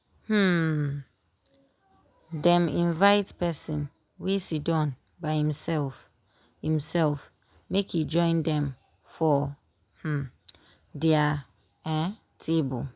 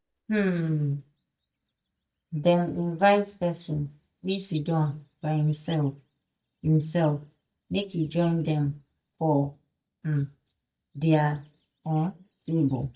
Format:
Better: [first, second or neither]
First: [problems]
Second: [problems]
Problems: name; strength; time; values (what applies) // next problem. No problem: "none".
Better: first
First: none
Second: noise reduction (neural mask model DeepFilterNet 3)